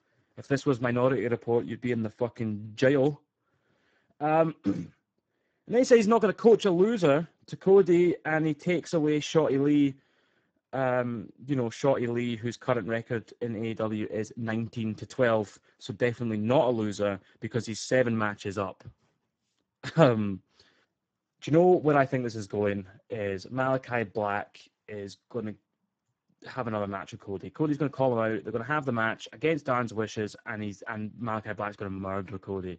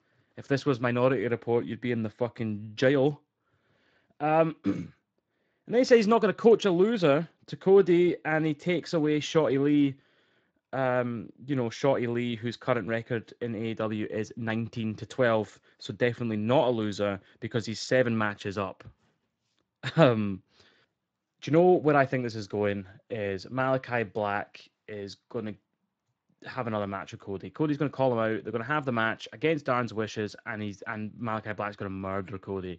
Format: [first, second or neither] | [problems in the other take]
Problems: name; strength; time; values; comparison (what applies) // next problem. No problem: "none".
second | garbled, watery; badly; nothing above 7.5 kHz; slightly in the second